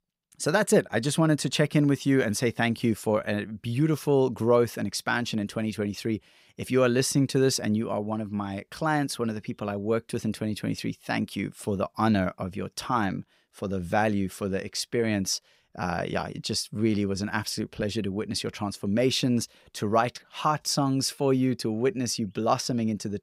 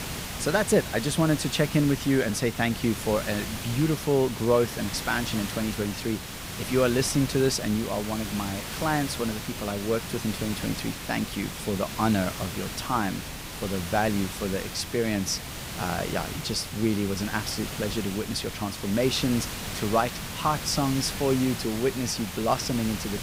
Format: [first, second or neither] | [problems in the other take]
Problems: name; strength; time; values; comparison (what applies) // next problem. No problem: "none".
first | hiss; loud; throughout; 7 dB below the speech